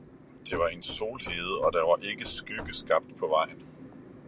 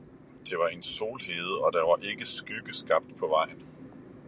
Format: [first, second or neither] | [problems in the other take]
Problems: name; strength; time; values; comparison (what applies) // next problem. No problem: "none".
second | background sound (Knock / Wood); 15 dB below the speech